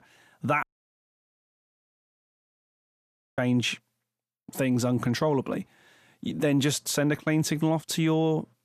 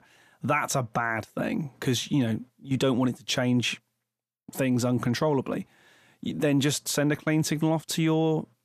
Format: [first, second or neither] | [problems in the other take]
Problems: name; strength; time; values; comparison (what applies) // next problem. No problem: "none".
second | audio cutting out; at 0.5 s for 3 s